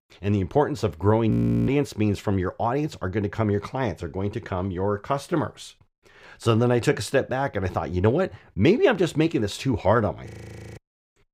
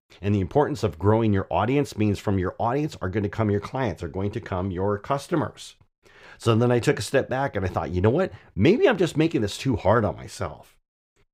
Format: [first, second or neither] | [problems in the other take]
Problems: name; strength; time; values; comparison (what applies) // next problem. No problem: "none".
second | audio freezing; at 1.5 s and at 10 s